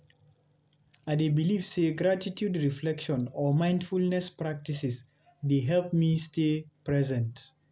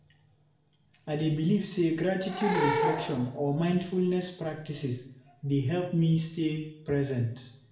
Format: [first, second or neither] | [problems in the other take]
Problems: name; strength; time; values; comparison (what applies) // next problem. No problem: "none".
first | background sound (Animal / Brass instrument); 4 dB below the speech // room echo; dies away in 0.6 s